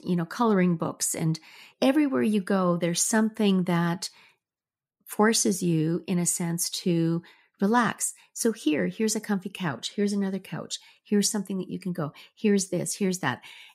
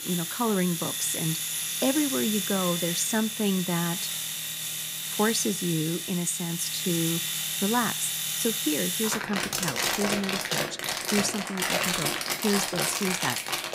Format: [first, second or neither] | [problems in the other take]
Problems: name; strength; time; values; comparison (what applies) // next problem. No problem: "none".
first | household noises; very loud; throughout; 1 dB above the speech